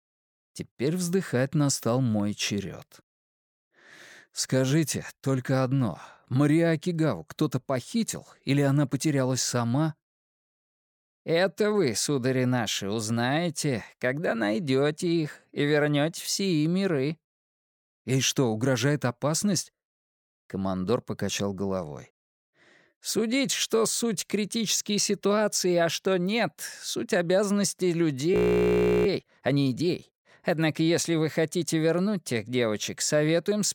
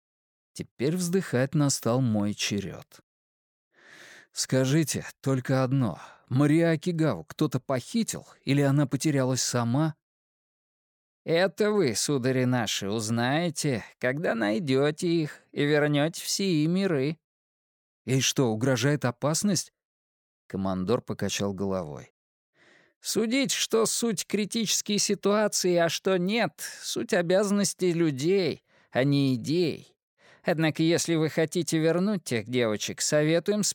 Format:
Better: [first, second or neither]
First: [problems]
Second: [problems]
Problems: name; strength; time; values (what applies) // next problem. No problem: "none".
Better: second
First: audio freezing; at 28 s for 0.5 s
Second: none